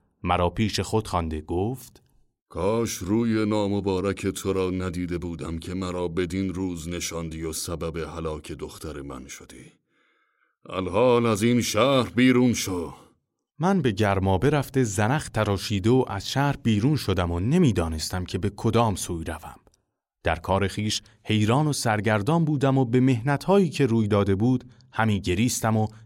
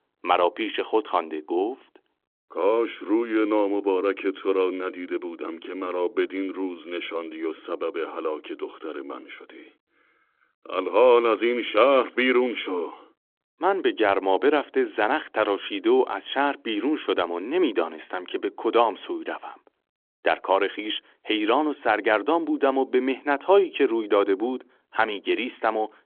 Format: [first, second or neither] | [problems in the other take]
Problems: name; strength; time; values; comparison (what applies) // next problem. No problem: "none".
first | phone-call audio